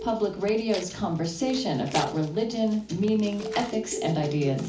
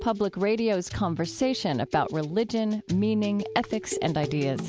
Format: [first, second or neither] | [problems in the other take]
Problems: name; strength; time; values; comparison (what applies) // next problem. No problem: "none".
second | background sound (Tearing); 18 dB below the speech // room echo; dies away in 0.4 s